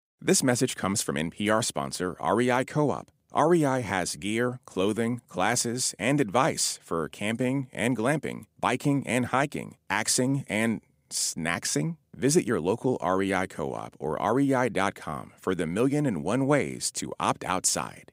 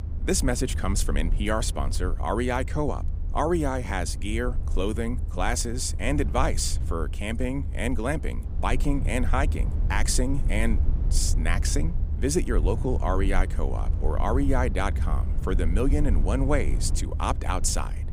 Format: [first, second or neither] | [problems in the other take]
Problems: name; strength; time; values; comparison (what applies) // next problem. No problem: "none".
first | low rumble; noticeable; throughout; 15 dB below the speech